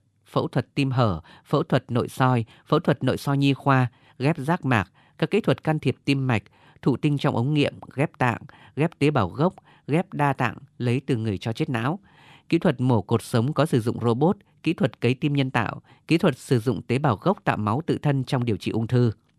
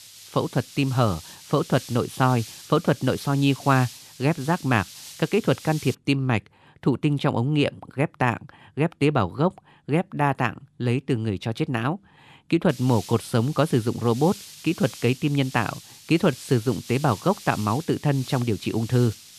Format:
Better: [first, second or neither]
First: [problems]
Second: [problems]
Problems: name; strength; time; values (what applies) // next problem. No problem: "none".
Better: first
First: none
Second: hiss; noticeable; until 6 s and from 13 s on; 15 dB below the speech